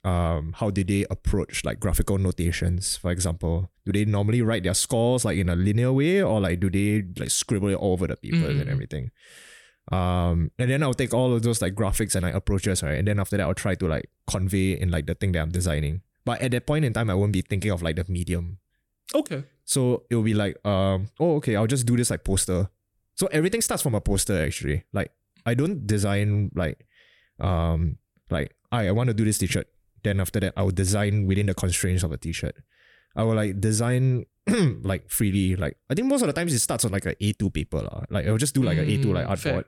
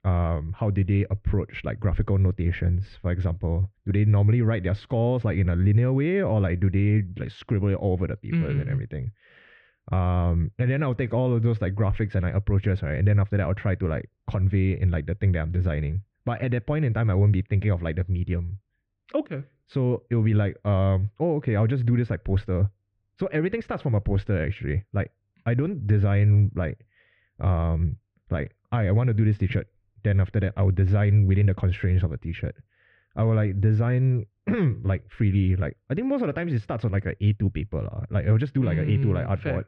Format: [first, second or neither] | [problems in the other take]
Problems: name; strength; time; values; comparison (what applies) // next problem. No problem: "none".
first | muffled; very; fading above 2.5 kHz